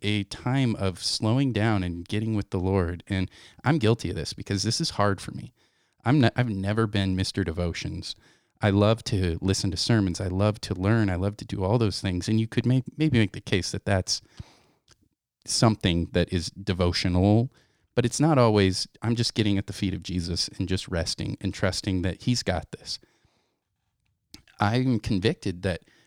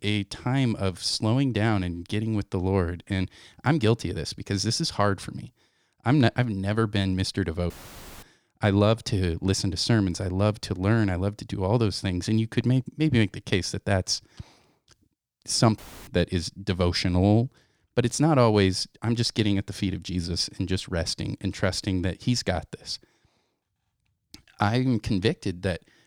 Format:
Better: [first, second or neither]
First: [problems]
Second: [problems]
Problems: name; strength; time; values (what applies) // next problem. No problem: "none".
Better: first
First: none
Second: audio cutting out; filled with static; at 7.5 s for 0.5 s and at 16 s